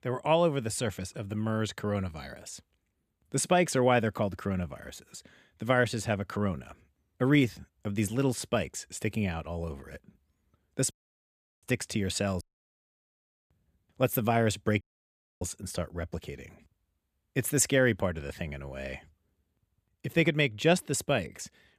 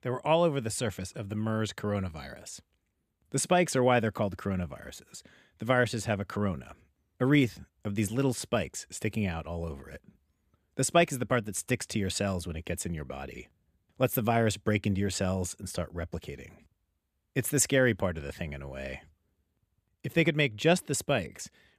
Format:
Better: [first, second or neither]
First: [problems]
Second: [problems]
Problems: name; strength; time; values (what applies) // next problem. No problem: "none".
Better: second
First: audio cutting out; at 11 s for 0.5 s, at 12 s for 1 s and at 15 s for 0.5 s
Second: none